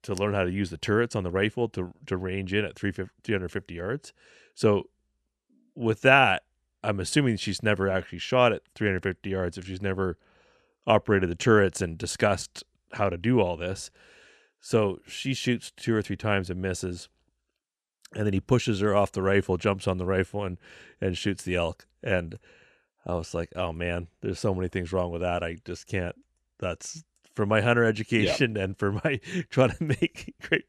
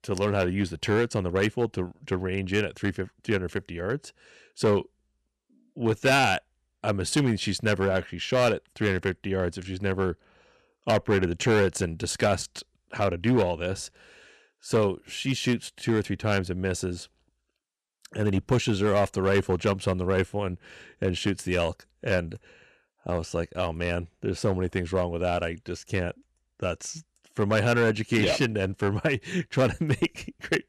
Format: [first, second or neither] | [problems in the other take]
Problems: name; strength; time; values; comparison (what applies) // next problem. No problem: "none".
first | distortion; slight; 3% of the sound clipped